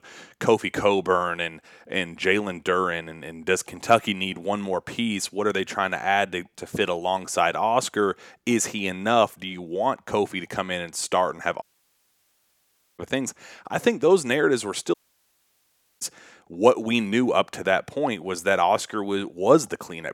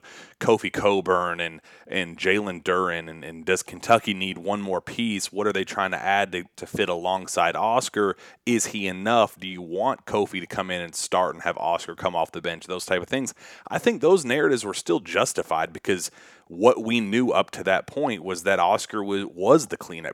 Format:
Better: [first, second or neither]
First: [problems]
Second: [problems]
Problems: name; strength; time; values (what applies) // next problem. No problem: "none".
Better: second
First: audio cutting out; at 12 s for 1.5 s and at 15 s for 1 s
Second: none